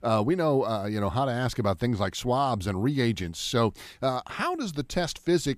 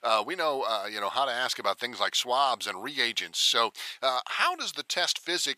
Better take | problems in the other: first | thin; very; fading below 850 Hz

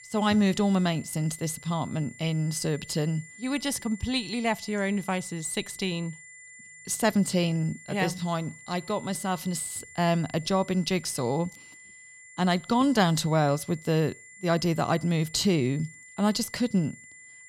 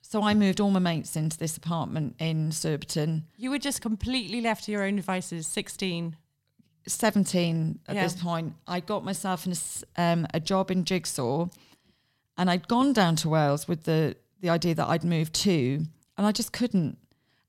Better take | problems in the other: second | high-pitched whine; noticeable; throughout; 2 kHz, 20 dB below the speech

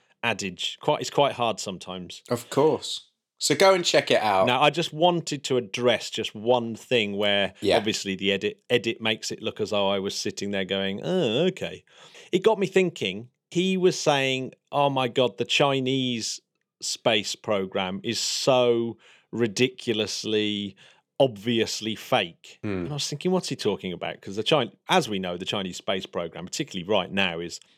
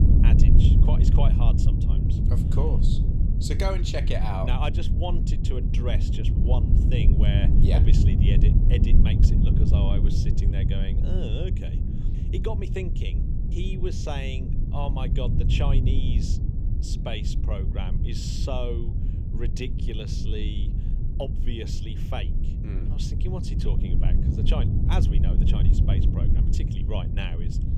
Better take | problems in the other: first | low rumble; loud; throughout; 2 dB below the speech

